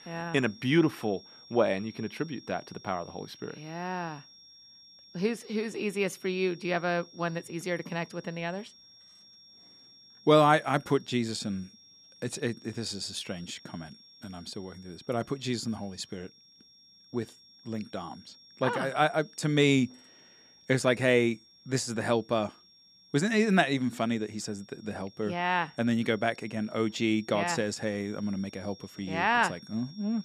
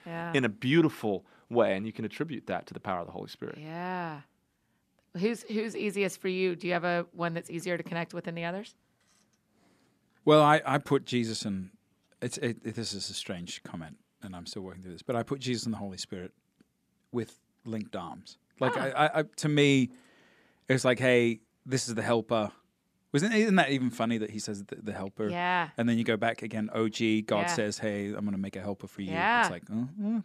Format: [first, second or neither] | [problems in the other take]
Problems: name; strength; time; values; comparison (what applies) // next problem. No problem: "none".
second | high-pitched whine; faint; throughout; 5.5 kHz, 25 dB below the speech